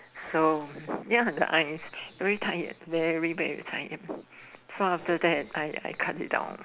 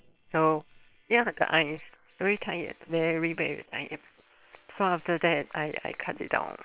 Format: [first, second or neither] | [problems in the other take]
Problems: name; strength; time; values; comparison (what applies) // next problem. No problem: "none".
first | noise reduction (neural separator model SepFormer WHAM!)